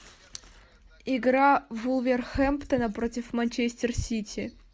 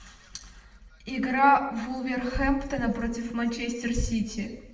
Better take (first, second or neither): first